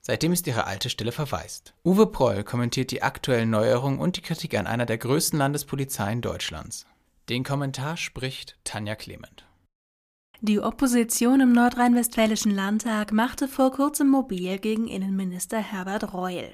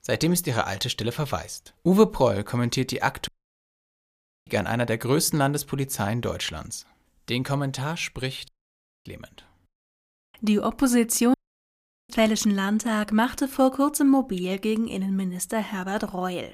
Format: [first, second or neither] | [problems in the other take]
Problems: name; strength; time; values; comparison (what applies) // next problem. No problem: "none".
first | audio cutting out; at 3.5 s for 1 s, at 8.5 s for 0.5 s and at 11 s for 1 s